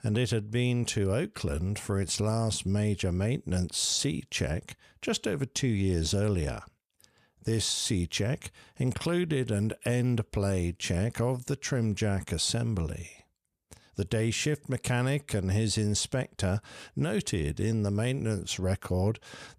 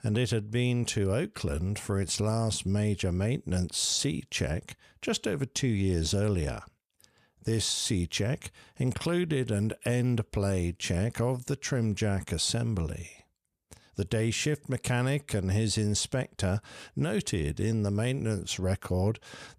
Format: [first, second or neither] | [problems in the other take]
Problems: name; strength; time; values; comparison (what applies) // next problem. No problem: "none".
neither | none